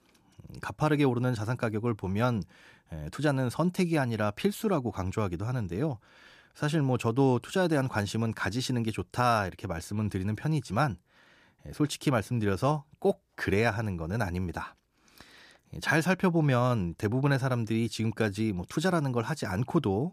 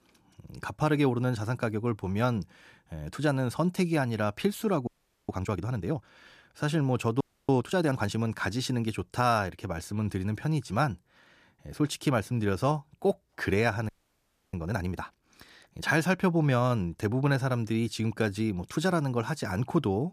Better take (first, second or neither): first